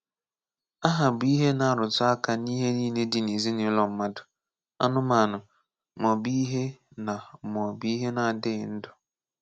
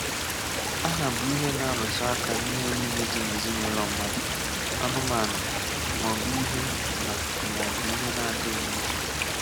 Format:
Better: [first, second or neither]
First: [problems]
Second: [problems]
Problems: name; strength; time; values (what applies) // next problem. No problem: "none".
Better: first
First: none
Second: background sound (Stream); 4 dB above the speech